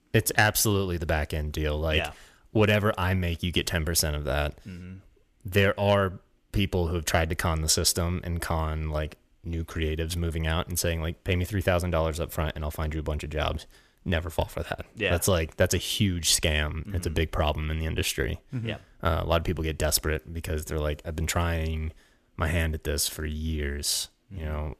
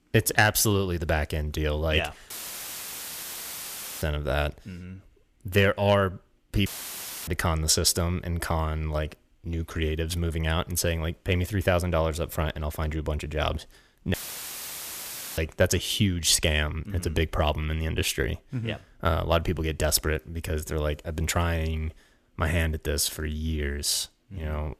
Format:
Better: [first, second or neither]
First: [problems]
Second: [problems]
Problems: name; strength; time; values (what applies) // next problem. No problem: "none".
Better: first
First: none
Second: audio cutting out; filled with static; at 2.5 s for 1.5 s, at 6.5 s for 0.5 s and at 14 s for 1 s